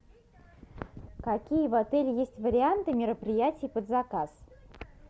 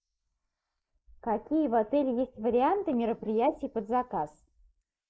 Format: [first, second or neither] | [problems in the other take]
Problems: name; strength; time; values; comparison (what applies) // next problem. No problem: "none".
first | noise reduction (neural mask model Resemble Enhance denoiser)